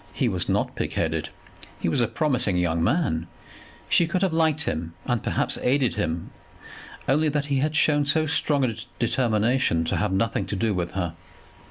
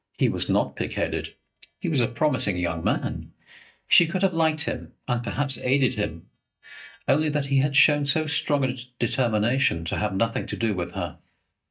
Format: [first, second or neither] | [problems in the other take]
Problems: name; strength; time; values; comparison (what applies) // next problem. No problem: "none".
first | noise reduction (neural mask model DeepFilterNet 3)